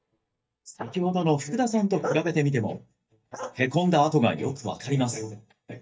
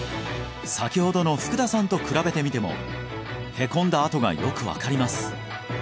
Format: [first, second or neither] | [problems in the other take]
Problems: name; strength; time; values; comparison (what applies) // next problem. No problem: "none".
second | noise reduction (neural mask model DeepFilterNet 3)